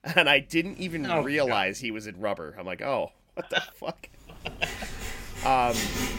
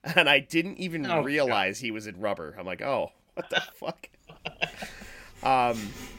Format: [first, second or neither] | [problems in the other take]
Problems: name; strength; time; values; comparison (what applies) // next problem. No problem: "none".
second | household noises; loud; throughout; 10 dB below the speech; faint in the second